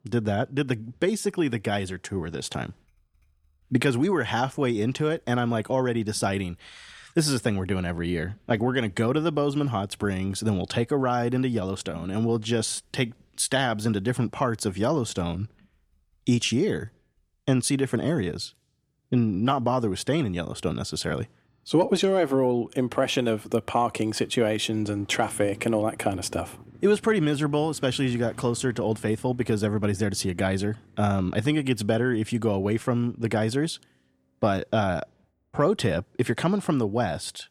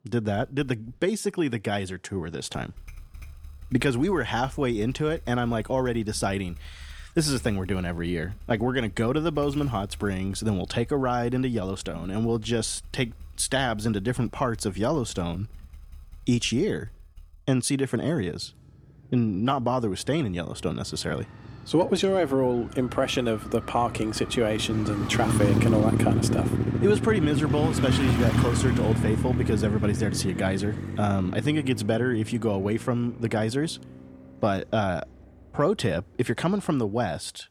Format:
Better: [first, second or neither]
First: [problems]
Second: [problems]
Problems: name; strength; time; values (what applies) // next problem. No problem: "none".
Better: first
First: traffic noise; faint; throughout; 25 dB below the speech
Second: traffic noise; loud; throughout; 2 dB below the speech